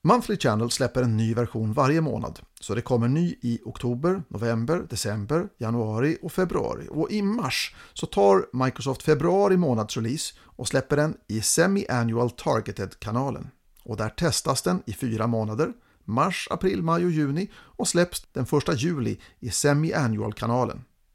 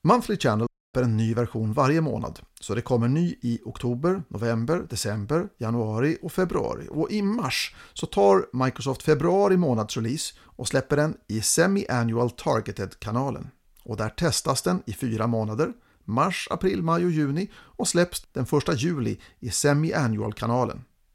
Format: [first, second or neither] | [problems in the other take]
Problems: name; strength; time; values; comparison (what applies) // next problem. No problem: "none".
first | audio cutting out; at 0.5 s